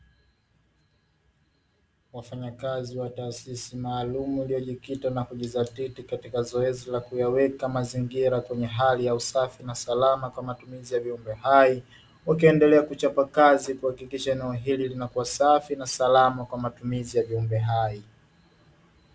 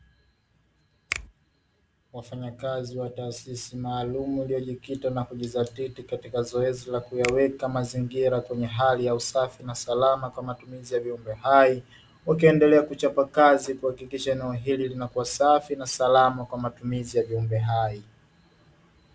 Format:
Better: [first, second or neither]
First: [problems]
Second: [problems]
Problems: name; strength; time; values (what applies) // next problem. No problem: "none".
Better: first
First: none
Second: background sound (Finger snapping); 15 dB below the speech